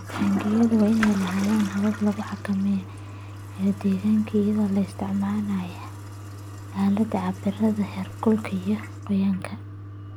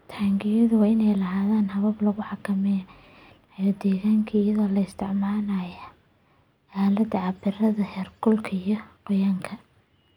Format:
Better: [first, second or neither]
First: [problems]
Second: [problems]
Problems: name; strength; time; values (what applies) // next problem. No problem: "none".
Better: second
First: background sound (Toilet flush); 11 dB below the speech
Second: none